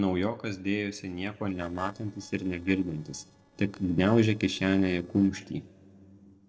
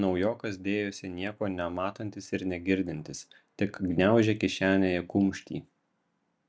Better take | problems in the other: second | noise reduction (neural separator model SepFormer DNS4)

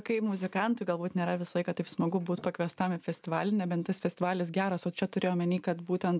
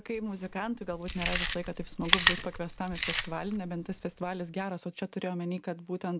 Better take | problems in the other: first | background sound (Chewing, mastication); as loud as the speech

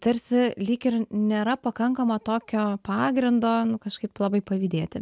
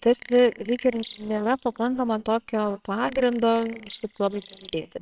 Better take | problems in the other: first | noise reduction (neural separator model SepFormer WHAMR!)

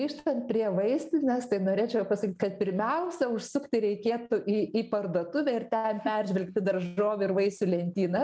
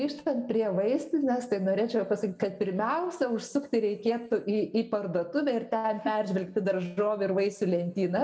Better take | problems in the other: first | room echo; dies away in 1.6 s

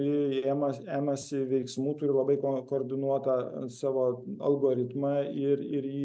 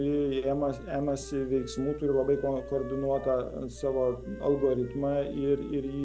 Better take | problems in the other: first | background sound (Engine + Wind instrument, woodwind instrument); 15 dB below the speech

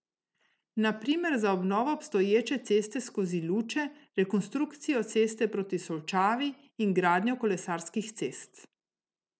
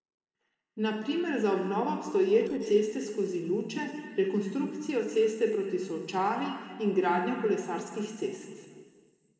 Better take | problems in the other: first | noise reduction (neural separator model SepFormer DNS4)

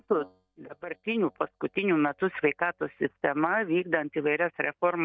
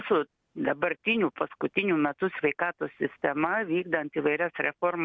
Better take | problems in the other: second | noise reduction (neural mask model DeepFilterNet 3)

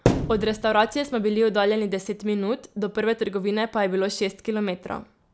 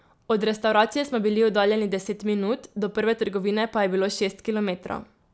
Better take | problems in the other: second | background sound (Thump, thud); 3 dB below the speech

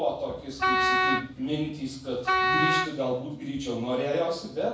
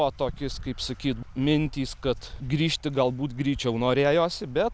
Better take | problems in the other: second | background sound (Wind instrument, woodwind instrument); 4 dB above the speech // room echo; dies away in 0.6 s

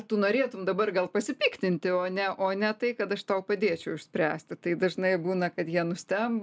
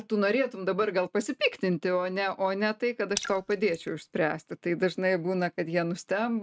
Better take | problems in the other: first | noise reduction (neural mask model RNNoise)

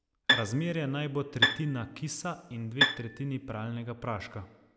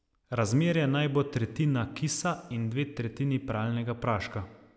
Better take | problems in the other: second | background sound (Bowed string instrument); 3 dB above the speech

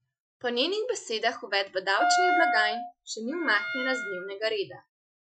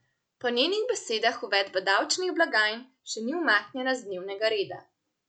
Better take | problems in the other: second | noise reduction (classical method Wiener filter)

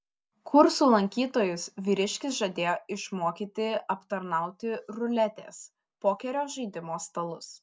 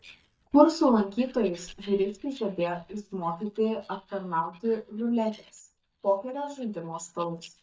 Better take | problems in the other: first | noise reduction (neural mask model DeepFilterNet 3)

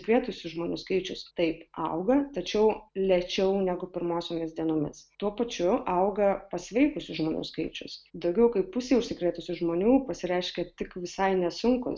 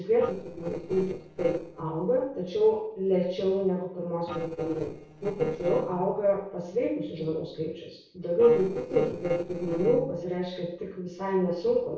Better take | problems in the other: first | noise reduction (neural separator model SepFormer DNS4)

